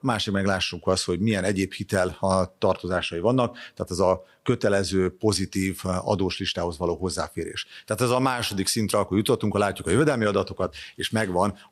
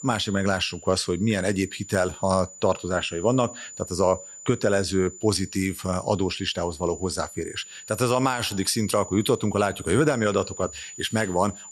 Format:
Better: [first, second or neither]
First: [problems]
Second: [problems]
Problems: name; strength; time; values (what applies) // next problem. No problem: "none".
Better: first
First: none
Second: high-pitched whine; noticeable; throughout; 7 kHz, 15 dB below the speech